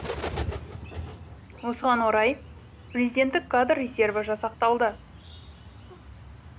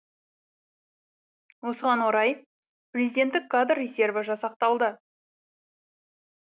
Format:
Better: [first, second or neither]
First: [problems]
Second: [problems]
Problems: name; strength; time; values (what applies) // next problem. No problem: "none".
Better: second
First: background sound (Bird); 12 dB below the speech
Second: none